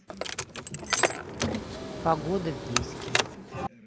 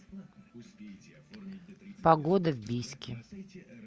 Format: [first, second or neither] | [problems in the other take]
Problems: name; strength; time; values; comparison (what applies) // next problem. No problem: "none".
second | background sound (Car); 4 dB above the speech